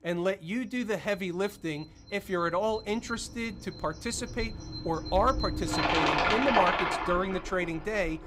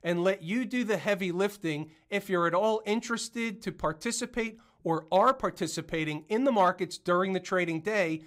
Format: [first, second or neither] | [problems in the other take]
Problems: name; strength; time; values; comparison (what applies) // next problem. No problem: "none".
second | animal sounds; very loud; throughout; 1 dB above the speech